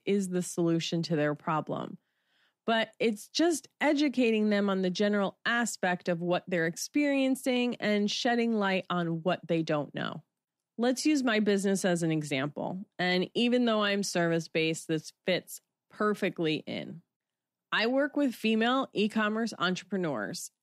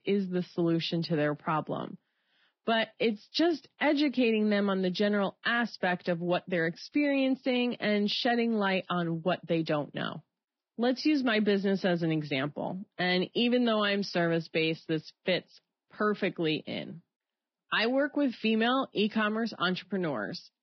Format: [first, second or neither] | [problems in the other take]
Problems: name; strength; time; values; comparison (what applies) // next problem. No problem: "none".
first | garbled, watery; badly; nothing above 5.5 kHz